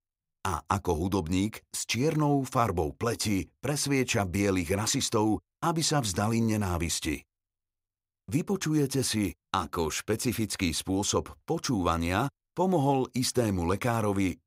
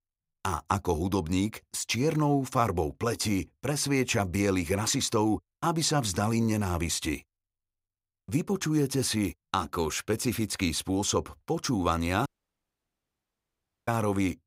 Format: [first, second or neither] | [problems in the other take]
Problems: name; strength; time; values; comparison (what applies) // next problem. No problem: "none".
first | audio cutting out; at 12 s for 1.5 s